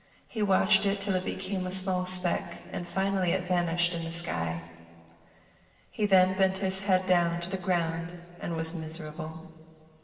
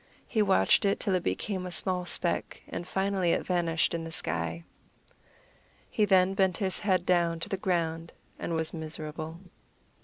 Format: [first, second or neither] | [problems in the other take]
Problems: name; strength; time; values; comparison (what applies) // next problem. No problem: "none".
second | room echo; dies away in 2.5 s